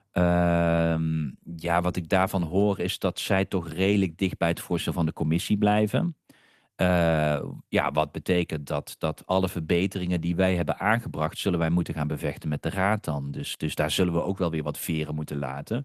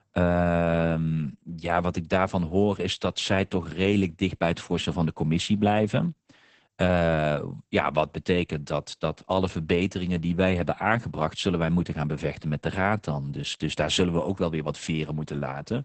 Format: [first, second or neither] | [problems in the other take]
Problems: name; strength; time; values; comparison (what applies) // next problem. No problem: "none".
first | garbled, watery; badly; nothing above 8 kHz; slightly in the first